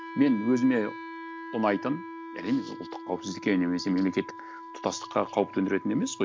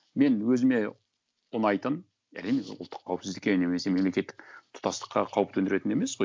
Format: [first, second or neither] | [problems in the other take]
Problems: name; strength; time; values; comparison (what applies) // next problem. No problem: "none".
second | background sound (Wind instrument, woodwind instrument); 13 dB below the speech